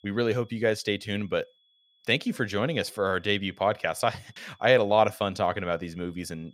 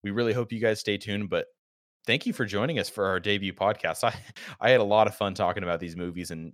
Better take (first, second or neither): second